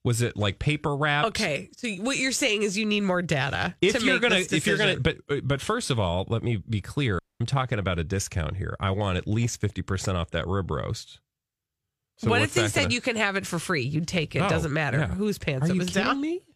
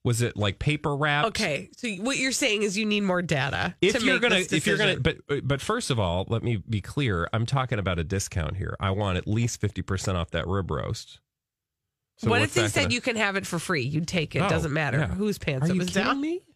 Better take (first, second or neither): second